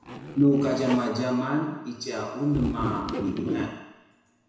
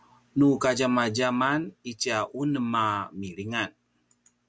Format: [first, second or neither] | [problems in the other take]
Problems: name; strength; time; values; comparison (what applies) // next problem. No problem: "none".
second | background sound (Zipper (clothing)); 8 dB below the speech // room echo; dies away in 1 s